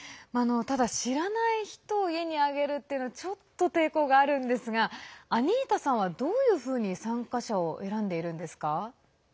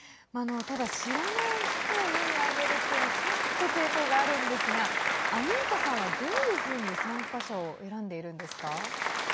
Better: first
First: none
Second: background sound (Applause); 3 dB above the speech

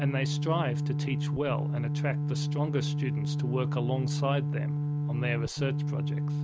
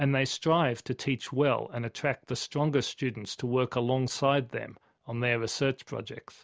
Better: second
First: background sound (Organ); 4 dB above the speech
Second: none

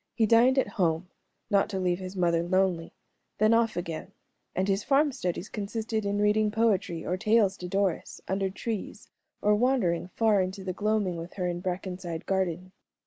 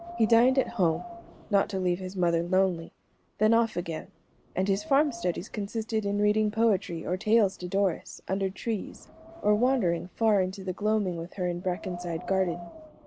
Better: first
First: none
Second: background sound (Wind); 18 dB below the speech

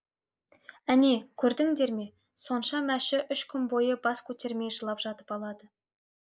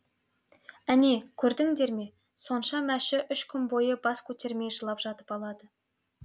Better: second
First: noise reduction (neural mask model Resemble Enhance denoiser)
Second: none

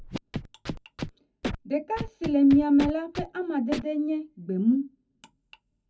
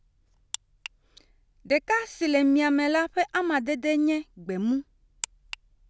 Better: second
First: background sound (Scratching (performance technique)); 11 dB below the speech // room echo; dies away in 0.4 s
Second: none

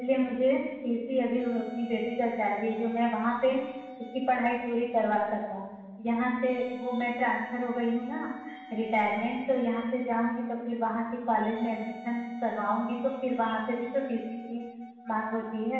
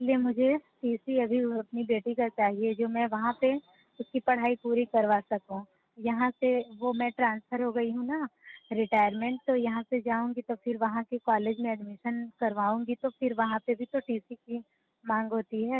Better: second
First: background sound (Wind instrument, woodwind instrument); 19 dB below the speech // room echo; dies away in 1.1 s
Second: none

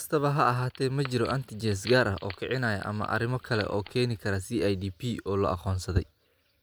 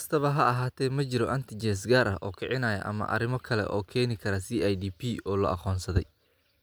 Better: second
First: background sound (Wood); 18 dB below the speech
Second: none

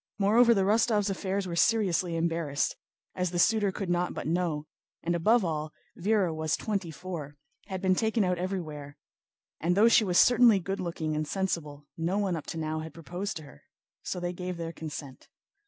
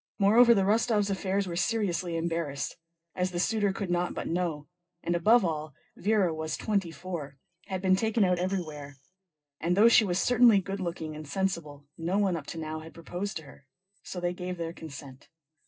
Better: first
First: none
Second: noise reduction (neural separator model SepFormer DNS4)

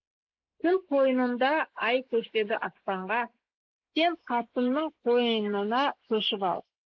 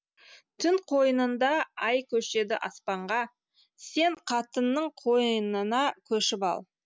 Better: second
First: noise reduction (neural mask model Resemble Enhance denoiser)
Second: none

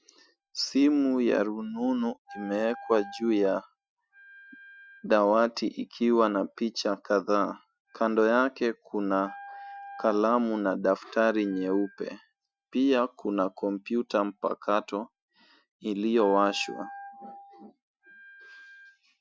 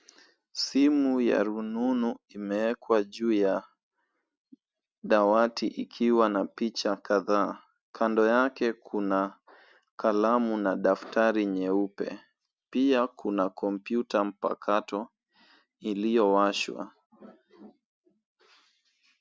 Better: second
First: noise reduction (classical method Wiener filter)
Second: none

